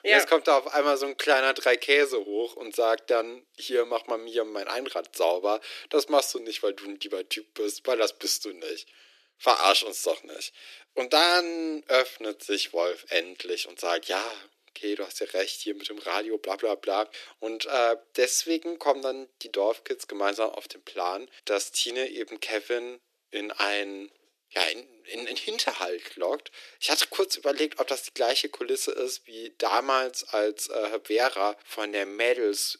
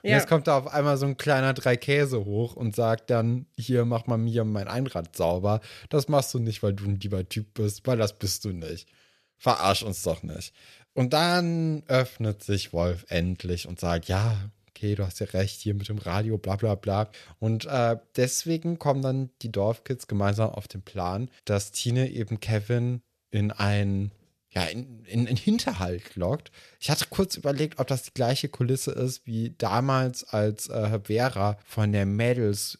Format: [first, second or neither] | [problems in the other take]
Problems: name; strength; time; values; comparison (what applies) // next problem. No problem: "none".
second | thin; very; fading below 300 Hz